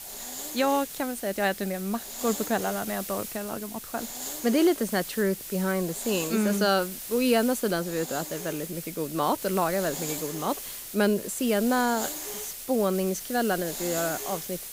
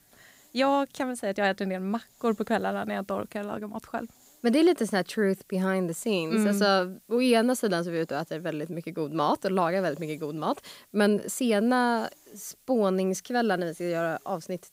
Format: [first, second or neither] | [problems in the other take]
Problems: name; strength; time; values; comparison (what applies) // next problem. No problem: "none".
second | hiss; loud; throughout; 7 dB below the speech; faint in the second